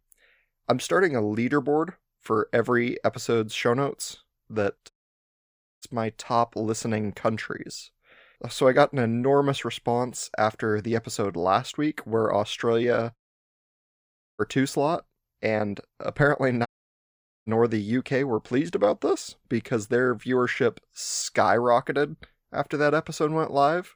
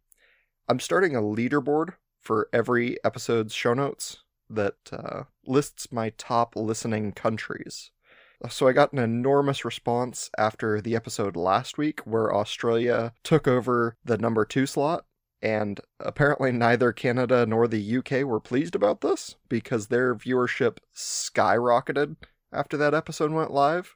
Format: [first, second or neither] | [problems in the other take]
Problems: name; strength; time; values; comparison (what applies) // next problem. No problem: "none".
second | audio cutting out; at 5 s for 1 s, at 13 s for 1 s and at 17 s for 1 s